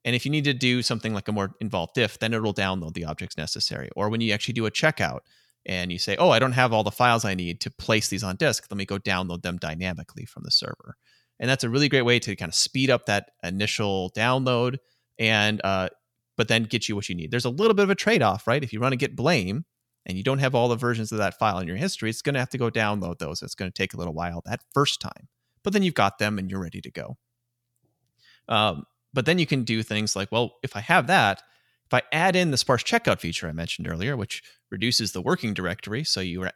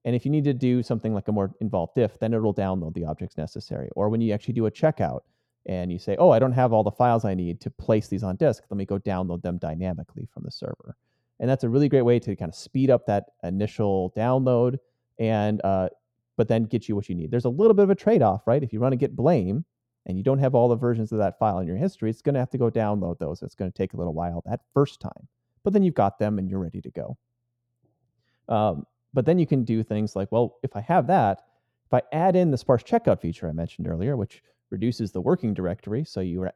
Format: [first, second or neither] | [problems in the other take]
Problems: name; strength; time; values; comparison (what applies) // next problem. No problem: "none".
first | muffled; very; fading above 1 kHz